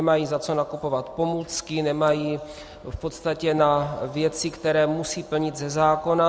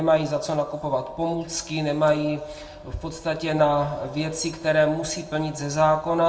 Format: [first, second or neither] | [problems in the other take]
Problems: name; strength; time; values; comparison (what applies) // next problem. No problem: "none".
first | room echo; dies away in 0.4 s